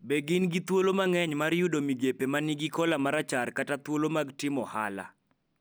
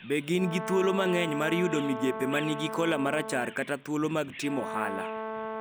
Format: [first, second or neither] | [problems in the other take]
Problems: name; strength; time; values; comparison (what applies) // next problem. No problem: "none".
first | background sound (Bird vocalization, bird call, bird song + Brass instrument); 7 dB below the speech